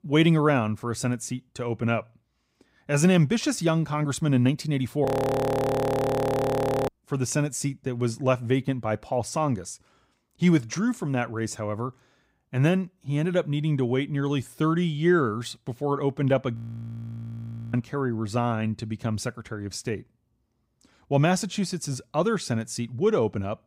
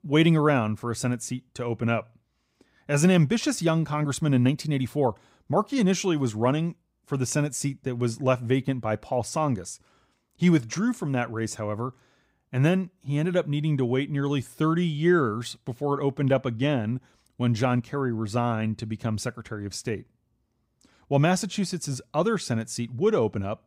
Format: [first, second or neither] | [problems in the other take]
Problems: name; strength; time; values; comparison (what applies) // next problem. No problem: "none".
second | audio freezing; at 5 s for 2 s and at 17 s for 1 s